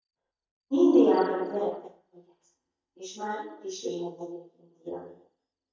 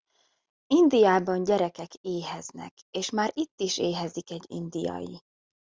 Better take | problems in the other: second | noise reduction (neural mask model DeepFilterNet 3)

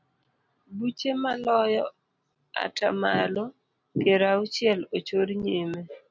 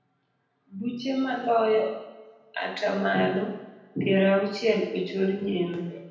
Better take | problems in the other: first | room echo; dies away in 0.9 s

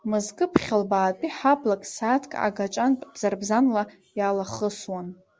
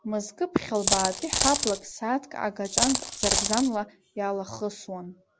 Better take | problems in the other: first | background sound (Coin (dropping)); 2 dB above the speech

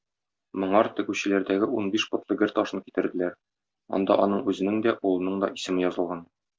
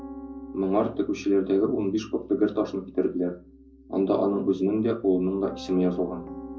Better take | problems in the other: first | background sound (Piano); 16 dB below the speech // room echo; dies away in 0.4 s

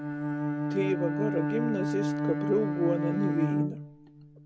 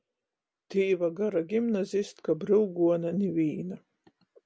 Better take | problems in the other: second | background sound (Bowed string instrument); 2 dB above the speech

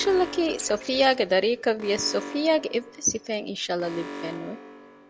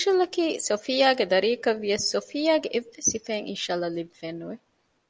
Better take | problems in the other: second | background sound (Alarm); 14 dB below the speech

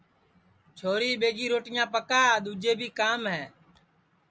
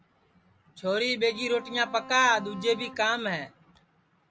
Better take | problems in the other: first | background sound (Bowed string instrument); 16 dB below the speech

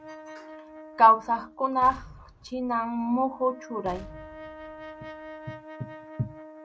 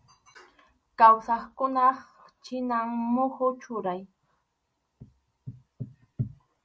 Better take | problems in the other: second | background sound (Brass instrument + Explosion); 16 dB below the speech

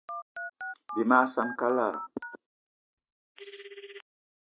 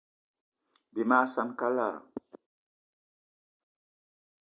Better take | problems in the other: second | noise reduction (neural mask model RNNoise)

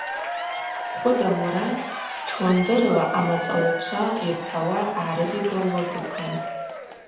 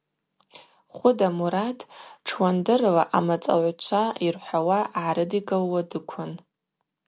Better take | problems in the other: second | background sound (Applause / Crowd / Cheering); 7 dB below the speech // room echo; dies away in 0.7 s

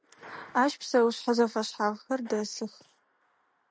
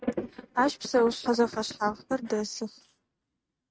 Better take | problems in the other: first | noise reduction (neural mask model RNNoise)

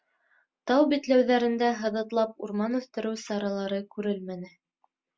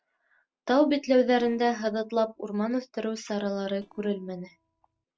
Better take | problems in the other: first | noise reduction (neural separator model SepFormer DNS4)

